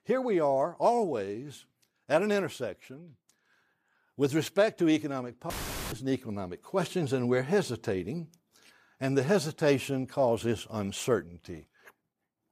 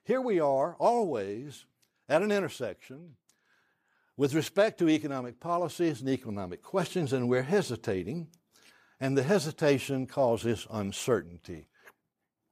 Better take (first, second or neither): second